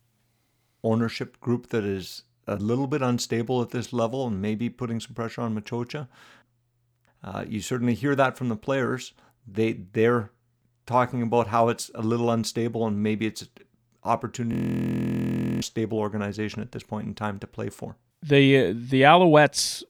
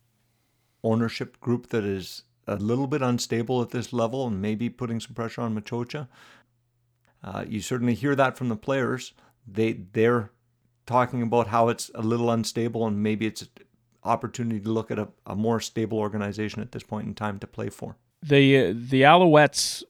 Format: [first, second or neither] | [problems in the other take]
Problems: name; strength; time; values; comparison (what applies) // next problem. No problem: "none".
second | audio freezing; at 15 s for 1 s